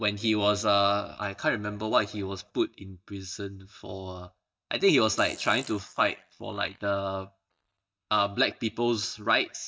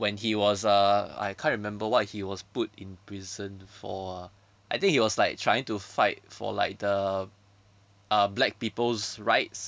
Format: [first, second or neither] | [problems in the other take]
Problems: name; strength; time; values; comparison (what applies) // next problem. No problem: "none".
second | noise reduction (neural mask model DeepFilterNet 3)